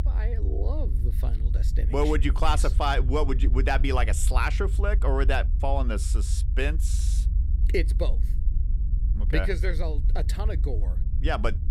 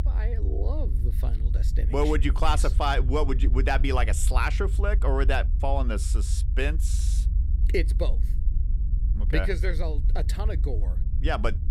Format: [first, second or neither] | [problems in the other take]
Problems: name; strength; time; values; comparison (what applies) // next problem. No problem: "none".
neither | low rumble; noticeable; throughout; 15 dB below the speech; the same in both